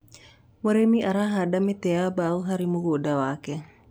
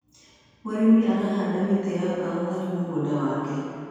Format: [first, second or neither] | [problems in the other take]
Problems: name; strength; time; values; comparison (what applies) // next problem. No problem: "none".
first | room echo; dies away in 2.1 s